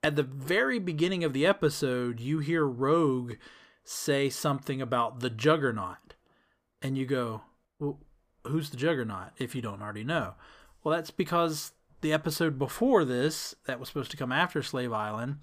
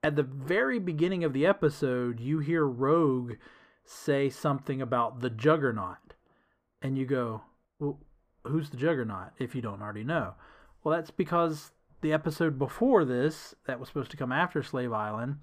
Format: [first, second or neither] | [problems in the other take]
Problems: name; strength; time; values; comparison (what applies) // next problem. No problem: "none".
first | muffled; slightly; fading above 2.5 kHz